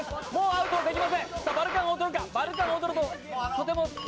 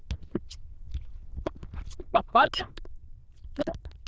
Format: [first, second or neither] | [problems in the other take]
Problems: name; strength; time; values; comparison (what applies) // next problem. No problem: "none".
first | noise reduction (neural diffusion model UNIVERSE++)